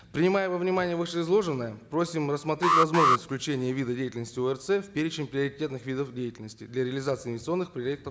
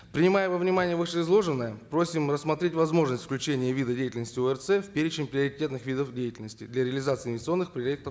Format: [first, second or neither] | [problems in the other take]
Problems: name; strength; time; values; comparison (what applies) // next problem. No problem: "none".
second | background sound (Alarm); 2 dB above the speech